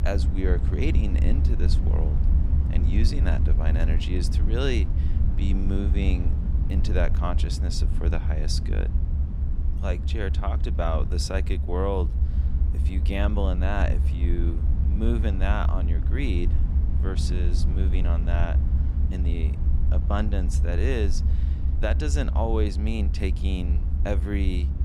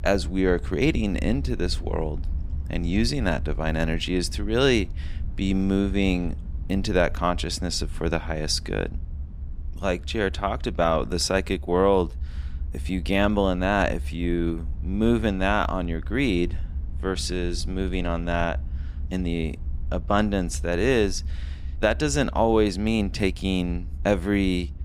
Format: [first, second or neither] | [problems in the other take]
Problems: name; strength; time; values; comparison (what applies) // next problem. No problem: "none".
second | low rumble; loud; throughout; 8 dB below the speech; faint in the second